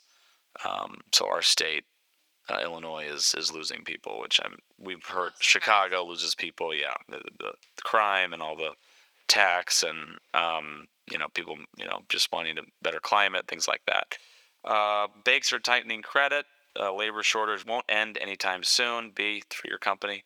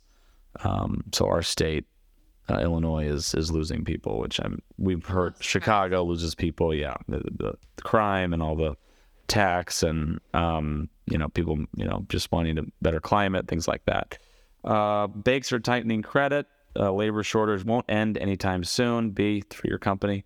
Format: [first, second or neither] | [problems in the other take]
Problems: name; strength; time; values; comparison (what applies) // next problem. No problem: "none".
second | thin; very; fading below 750 Hz